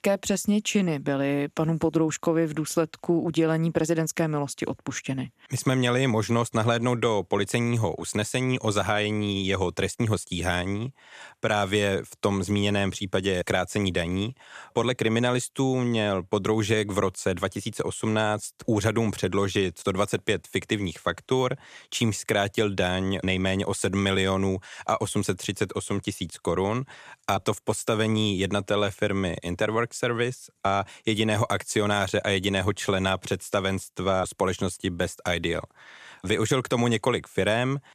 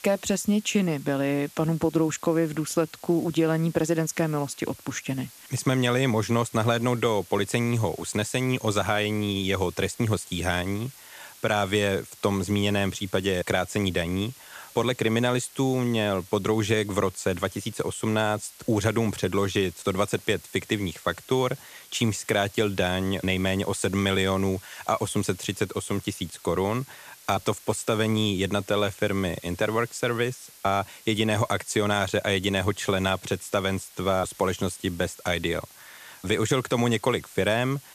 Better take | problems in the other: first | hiss; faint; throughout; 20 dB below the speech

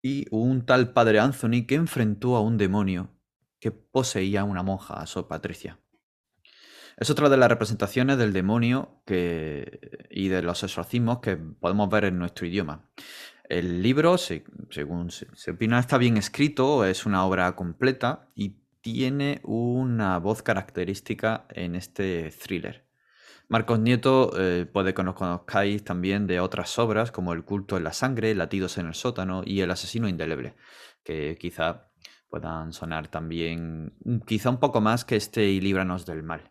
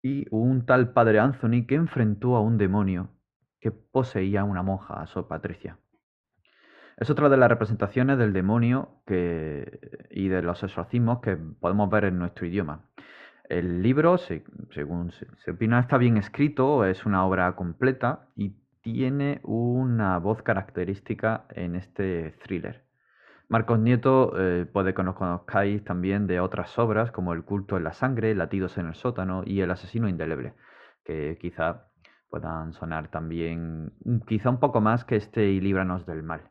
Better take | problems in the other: first | muffled; very; fading above 1.5 kHz

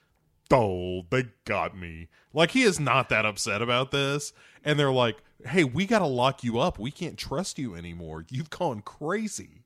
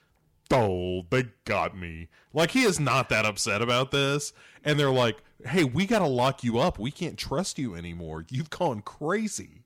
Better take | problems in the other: first | distortion; slight; 4% of the sound clipped

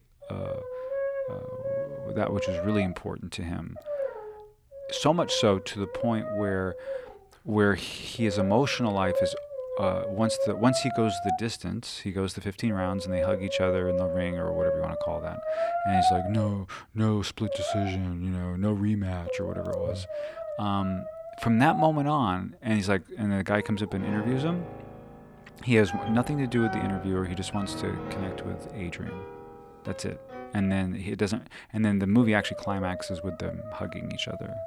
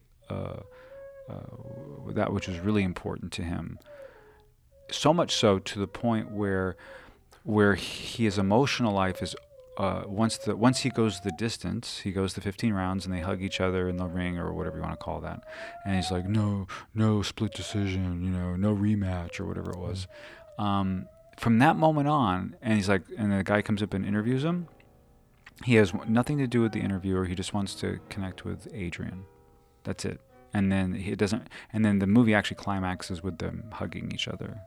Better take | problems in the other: second | background music; loud; throughout; 5 dB below the speech; faint in the second

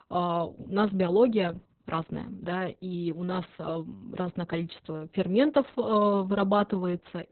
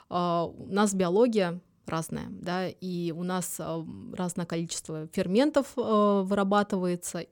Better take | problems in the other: second | garbled, watery; badly; nothing above 4 kHz

